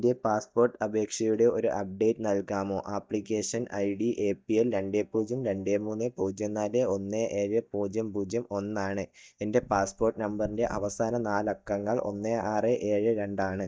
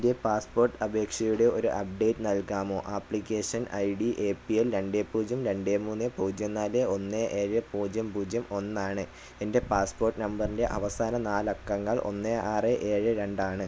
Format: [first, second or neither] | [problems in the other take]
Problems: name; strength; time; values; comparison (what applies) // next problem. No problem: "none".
second | noise reduction (neural mask model DeepFilterNet 3)